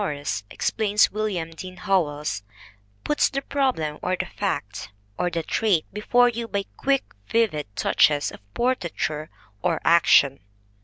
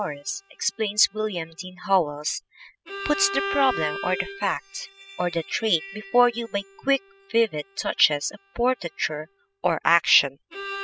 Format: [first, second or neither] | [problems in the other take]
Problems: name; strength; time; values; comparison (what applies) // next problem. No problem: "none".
first | noise reduction (classical method spectral subtraction)